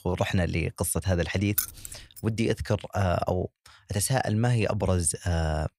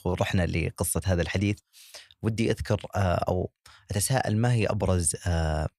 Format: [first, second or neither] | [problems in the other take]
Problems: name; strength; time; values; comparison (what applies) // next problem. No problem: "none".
second | jangling keys; noticeable; at 1.5 s; peak 1 dB below the speech